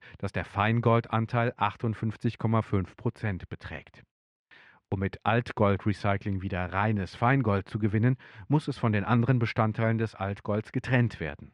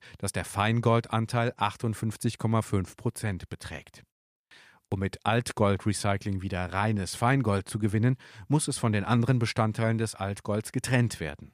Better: second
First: muffled; slightly; fading above 2.5 kHz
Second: none

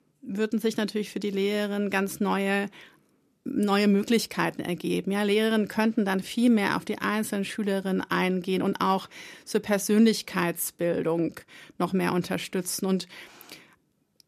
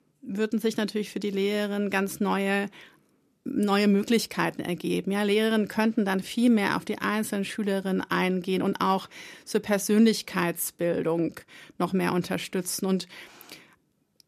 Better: neither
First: none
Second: none

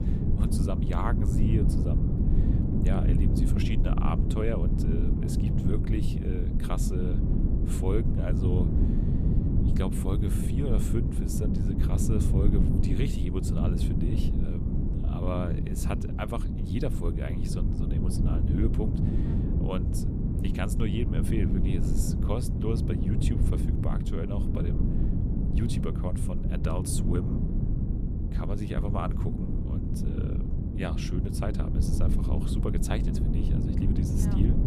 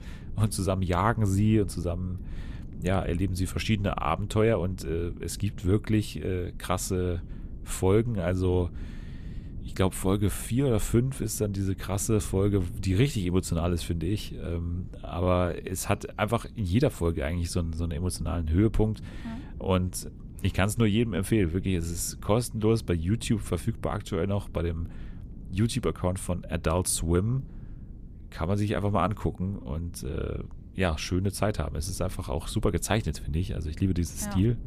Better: second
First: wind noise on the microphone; heavy; as loud as the speech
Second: wind noise on the microphone; occasional gusts; 25 dB below the speech

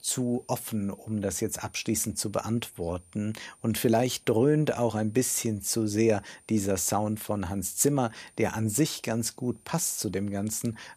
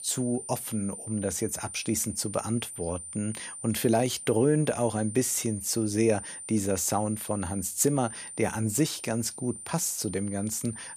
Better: first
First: high-pitched whine; faint; throughout; 9 kHz, 30 dB below the speech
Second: high-pitched whine; loud; throughout; 9 kHz, 10 dB below the speech

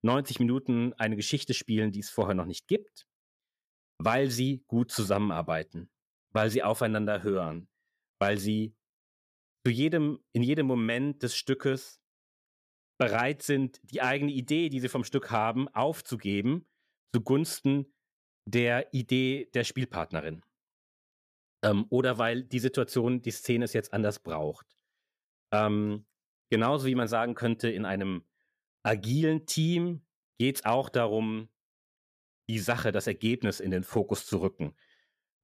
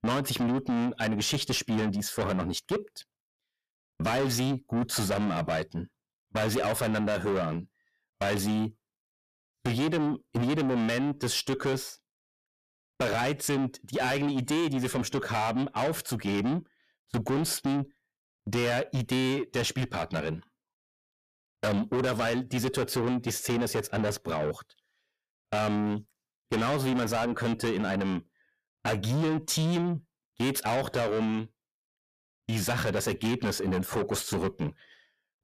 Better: first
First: none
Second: distortion; heavy; 6 dB below the speech

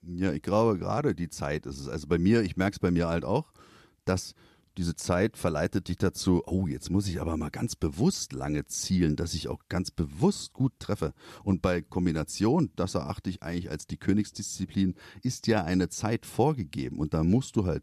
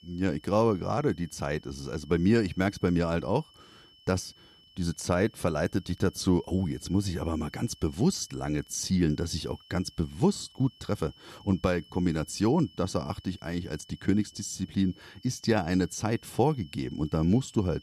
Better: first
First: none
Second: high-pitched whine; faint; throughout; 3 kHz, 25 dB below the speech

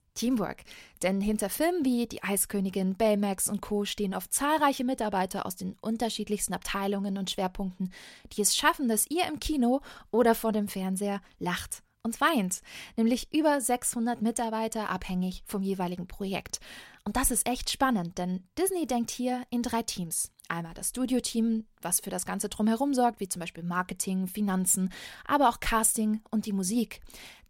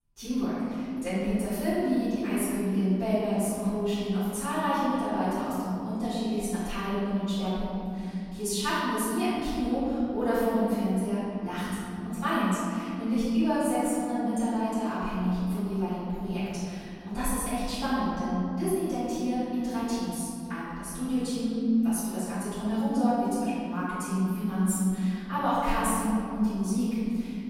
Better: first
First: none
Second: room echo; strong; dies away in 3 s // off-mic speech; far

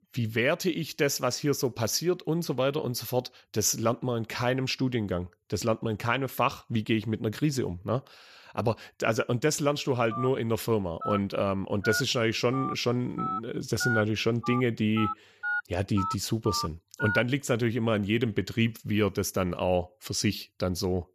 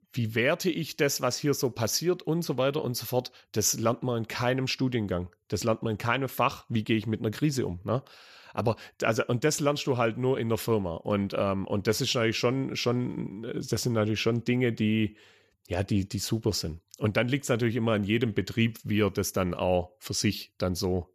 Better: second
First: phone ringing; noticeable; from 10 to 17 s; peak 2 dB below the speech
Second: none

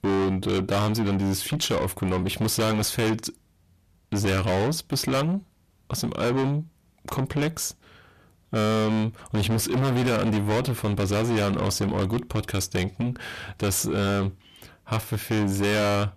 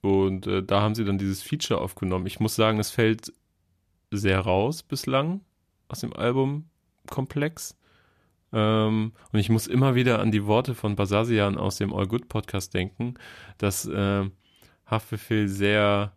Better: second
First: distortion; heavy; 5 dB below the speech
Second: none

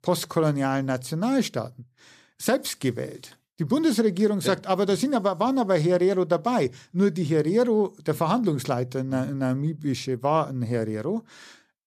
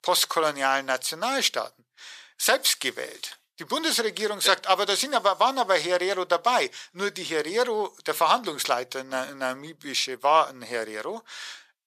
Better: first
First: none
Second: thin; very; fading below 850 Hz

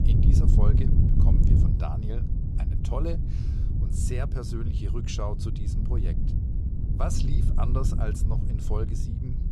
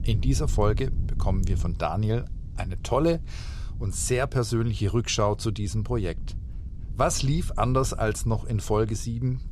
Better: second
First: wind noise on the microphone; heavy; 1 dB below the speech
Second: wind noise on the microphone; occasional gusts; 20 dB below the speech

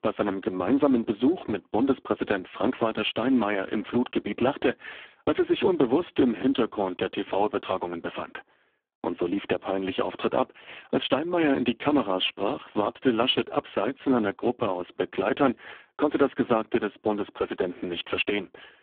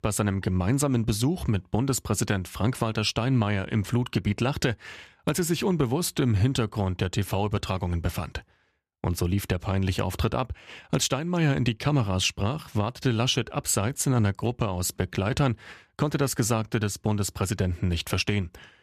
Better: second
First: phone-call audio; poor line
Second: none

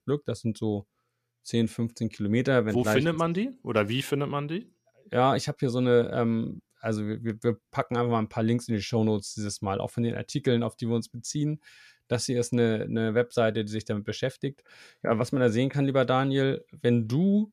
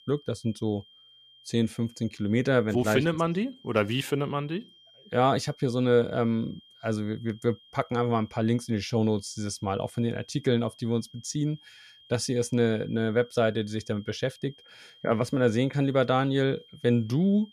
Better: first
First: none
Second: high-pitched whine; faint; throughout; 3 kHz, 25 dB below the speech

